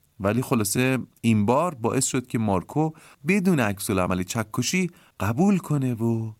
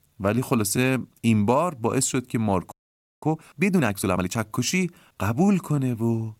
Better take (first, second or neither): first